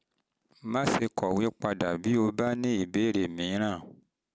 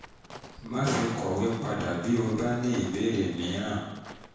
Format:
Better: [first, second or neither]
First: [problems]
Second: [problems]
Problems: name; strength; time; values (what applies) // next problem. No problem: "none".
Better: first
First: none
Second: background sound (Walk, footsteps); 18 dB below the speech // room echo; dies away in 1 s